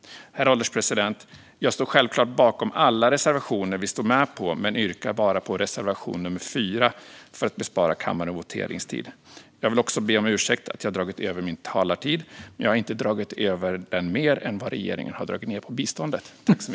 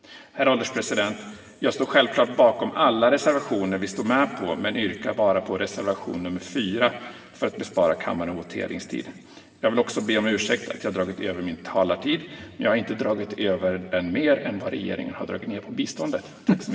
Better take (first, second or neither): first